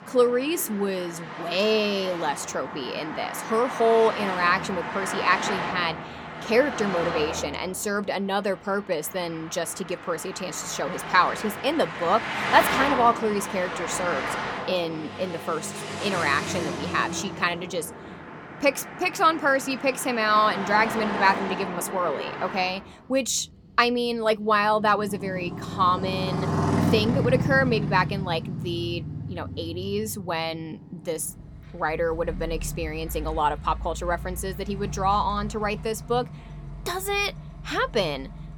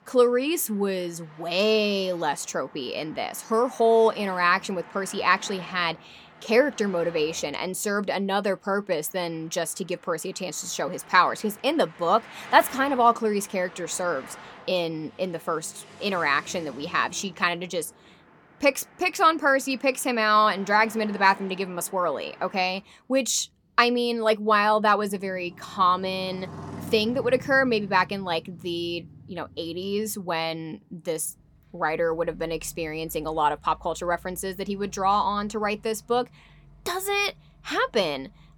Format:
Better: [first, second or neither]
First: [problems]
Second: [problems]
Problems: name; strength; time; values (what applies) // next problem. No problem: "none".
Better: second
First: traffic noise; loud; throughout; 6 dB below the speech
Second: traffic noise; faint; throughout; 20 dB below the speech